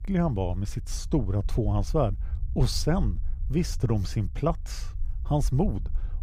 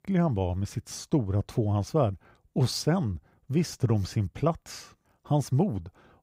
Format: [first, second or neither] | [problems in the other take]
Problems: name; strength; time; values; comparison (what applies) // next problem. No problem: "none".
second | low rumble; faint; throughout; 25 dB below the speech